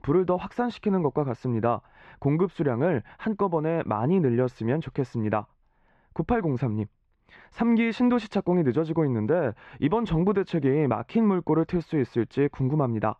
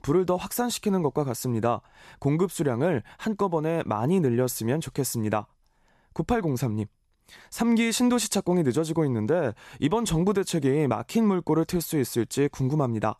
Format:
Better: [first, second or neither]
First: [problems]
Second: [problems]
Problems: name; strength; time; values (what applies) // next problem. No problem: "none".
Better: second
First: muffled; very; fading above 2.5 kHz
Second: none